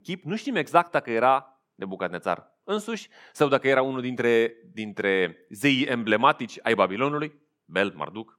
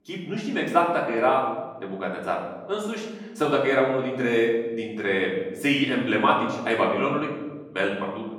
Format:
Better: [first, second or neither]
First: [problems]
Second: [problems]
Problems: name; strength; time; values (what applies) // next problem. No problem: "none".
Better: first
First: none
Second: off-mic speech; far // room echo; noticeable; dies away in 1.1 s